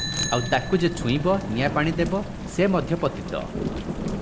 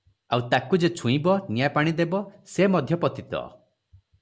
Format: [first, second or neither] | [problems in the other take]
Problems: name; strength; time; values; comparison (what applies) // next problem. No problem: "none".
second | background sound (Bicycle bell + Thunder / Rain); 5 dB below the speech